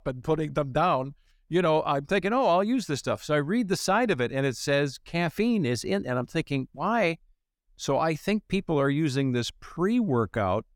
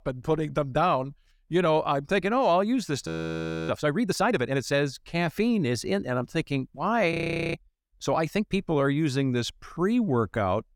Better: first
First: none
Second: audio freezing; at 3 s for 0.5 s and at 7 s

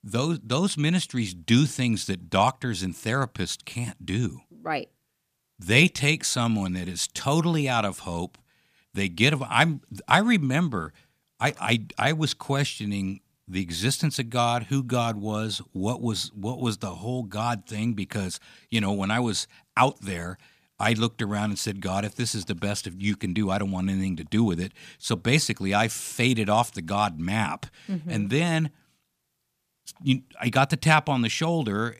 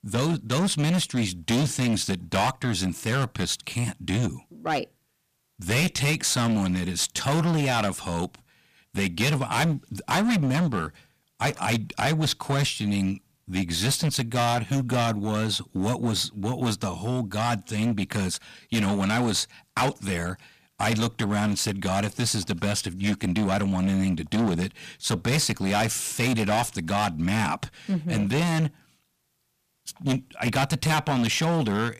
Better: first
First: none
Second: distortion; heavy; 15% of the sound clipped

